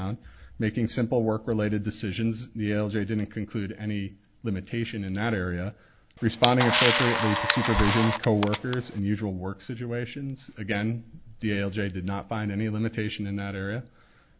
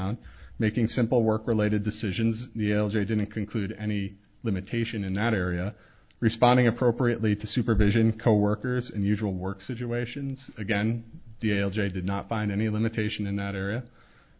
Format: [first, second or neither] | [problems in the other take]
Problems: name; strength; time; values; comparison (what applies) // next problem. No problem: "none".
second | background sound (Camera); as loud as the speech